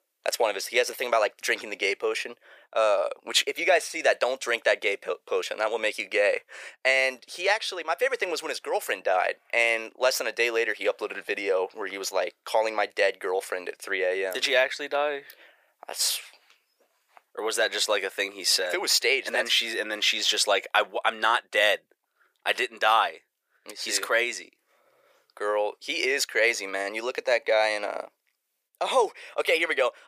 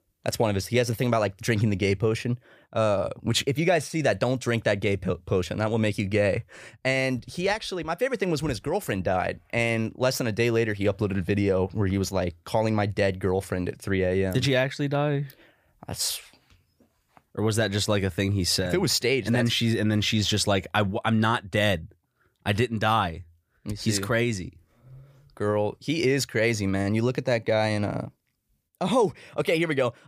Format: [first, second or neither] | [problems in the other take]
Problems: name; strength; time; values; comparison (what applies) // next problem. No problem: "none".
second | thin; very; fading below 450 Hz